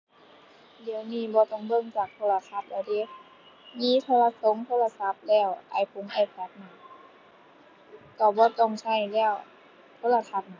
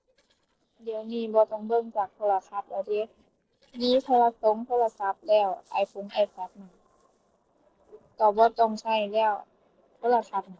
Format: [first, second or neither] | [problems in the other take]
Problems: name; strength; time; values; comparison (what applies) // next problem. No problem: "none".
first | noise reduction (neural separator model SepFormer DNS4)